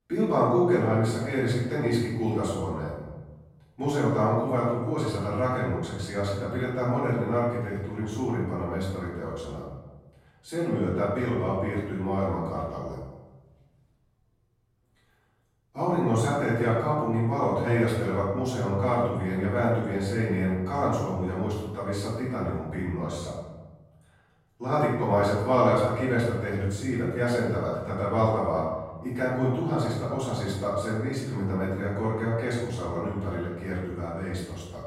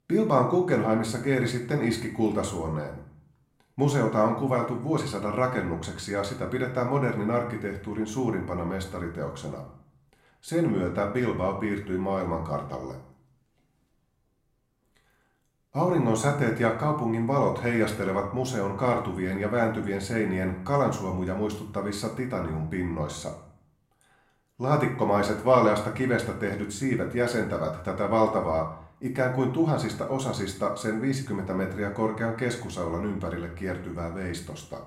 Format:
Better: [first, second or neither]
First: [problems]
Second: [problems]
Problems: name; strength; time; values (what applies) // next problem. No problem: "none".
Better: second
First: room echo; strong; dies away in 1 s // off-mic speech; far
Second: room echo; slight; dies away in 0.5 s // off-mic speech; somewhat distant